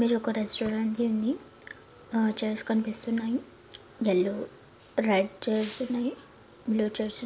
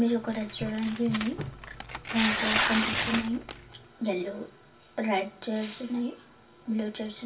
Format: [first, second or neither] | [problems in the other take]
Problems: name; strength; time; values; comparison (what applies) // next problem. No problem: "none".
first | background sound (Tearing); 1 dB below the speech // room echo; dies away in 0.2 s